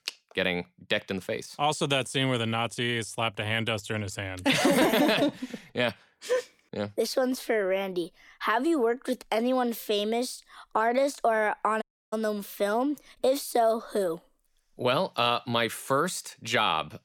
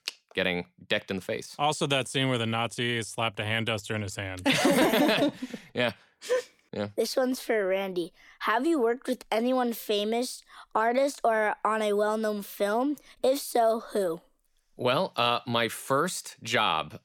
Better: second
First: audio cutting out; at 12 s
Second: none

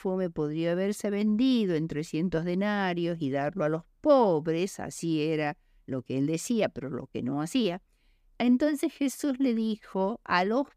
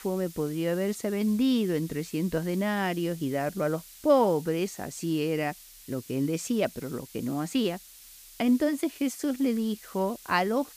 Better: first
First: none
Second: hiss; noticeable; throughout; 20 dB below the speech

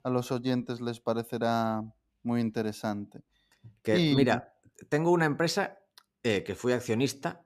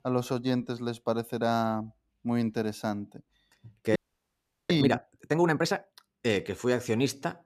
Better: first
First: none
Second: audio freezing; at 4 s for 0.5 s

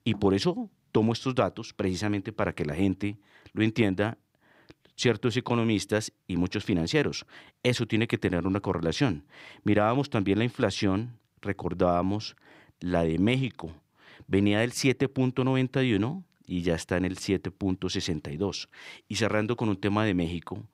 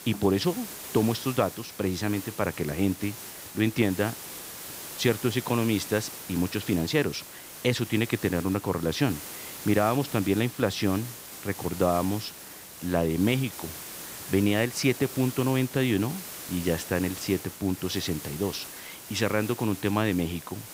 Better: first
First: none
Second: hiss; noticeable; throughout; 10 dB below the speech

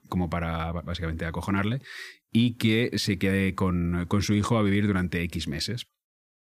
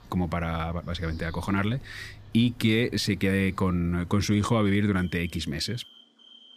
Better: first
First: none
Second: animal sounds; faint; throughout; 20 dB below the speech

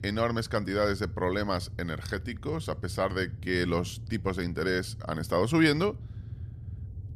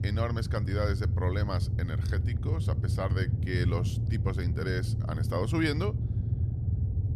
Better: first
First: low rumble; faint; throughout; 25 dB below the speech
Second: low rumble; loud; throughout; 8 dB below the speech

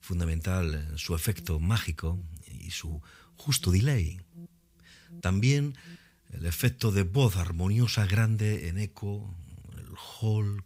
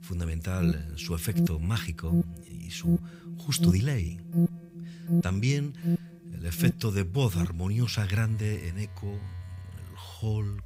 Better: first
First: alarms or sirens; faint; throughout; 25 dB below the speech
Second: alarms or sirens; loud; throughout; 1 dB below the speech

